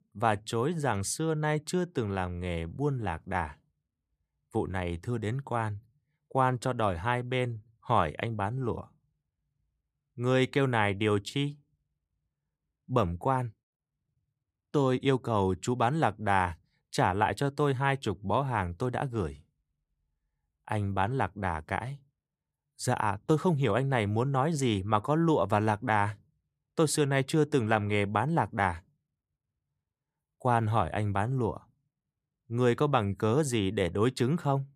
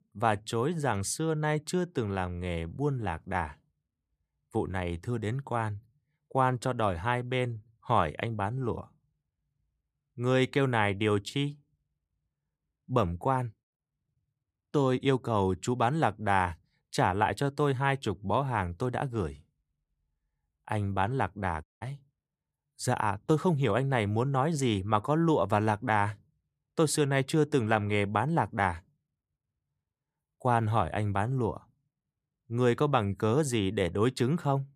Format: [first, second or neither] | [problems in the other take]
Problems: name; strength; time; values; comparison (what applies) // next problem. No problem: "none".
first | audio cutting out; at 22 s